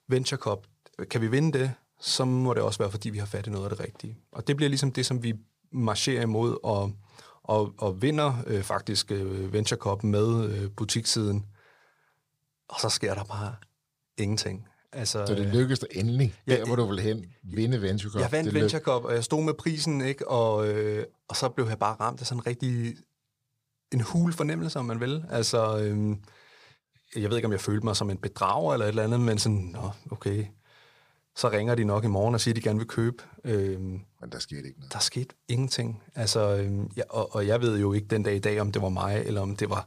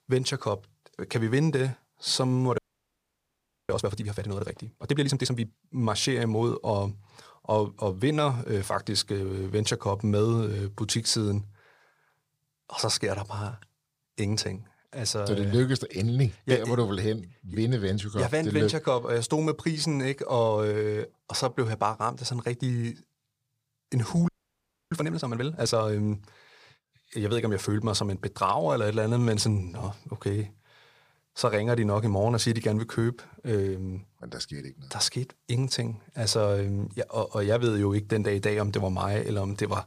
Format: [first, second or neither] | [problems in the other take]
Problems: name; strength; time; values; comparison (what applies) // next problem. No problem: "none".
first | audio freezing; at 2.5 s for 1 s and at 24 s for 0.5 s